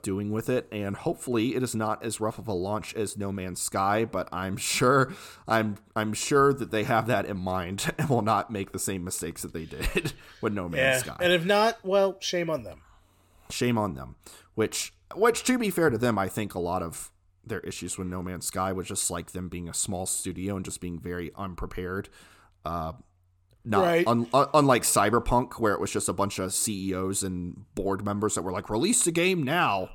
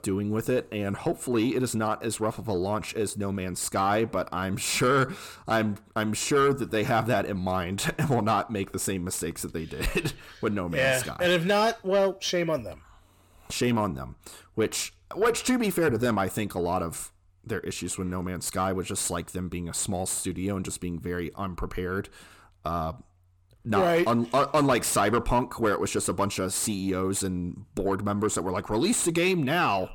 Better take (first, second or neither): first